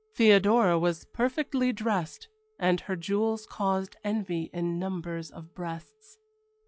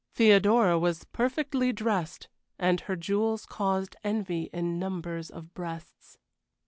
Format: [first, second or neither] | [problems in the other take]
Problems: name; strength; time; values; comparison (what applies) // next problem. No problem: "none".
second | noise reduction (classical method log-MMSE)